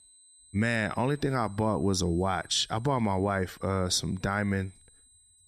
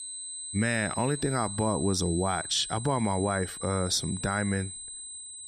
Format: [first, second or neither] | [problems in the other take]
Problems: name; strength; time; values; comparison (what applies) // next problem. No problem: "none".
first | high-pitched whine; loud; throughout; 8 kHz, 7 dB below the speech; faint in the first